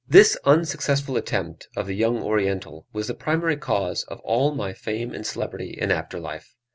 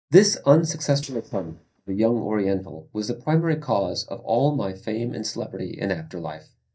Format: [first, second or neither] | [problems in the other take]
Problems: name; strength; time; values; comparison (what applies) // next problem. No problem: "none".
first | noise reduction (neural mask model DeepFilterNet 3)